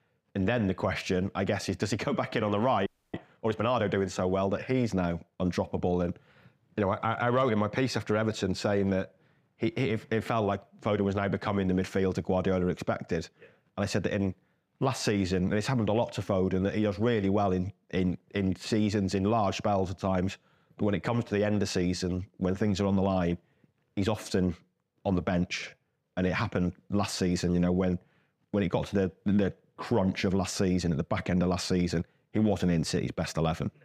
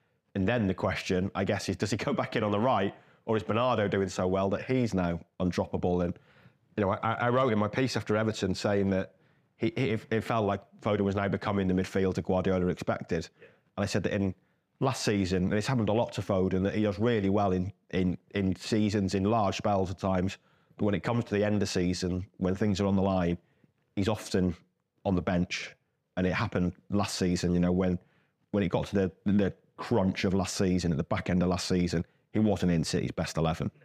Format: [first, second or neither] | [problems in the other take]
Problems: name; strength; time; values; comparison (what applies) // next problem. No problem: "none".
second | audio freezing; at 3 s